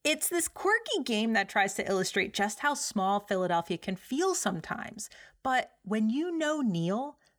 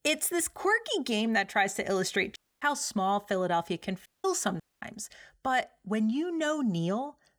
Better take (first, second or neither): first